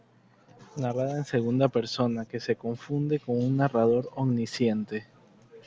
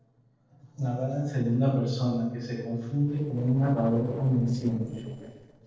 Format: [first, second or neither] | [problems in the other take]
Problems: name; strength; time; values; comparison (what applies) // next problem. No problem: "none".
first | noise reduction (neural separator model SepFormer DNS4)